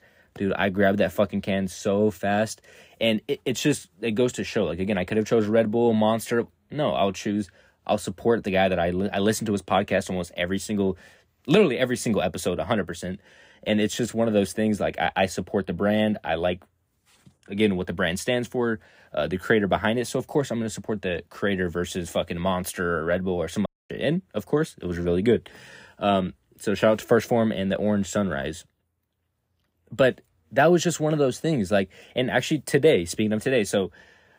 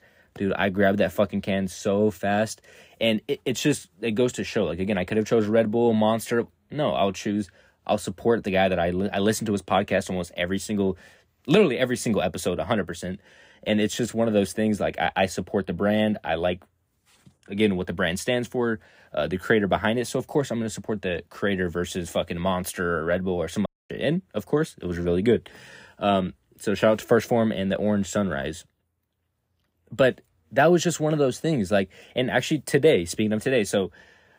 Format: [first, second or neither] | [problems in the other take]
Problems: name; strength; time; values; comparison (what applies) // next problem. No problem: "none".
neither | audio cutting out; at 24 s; the same in both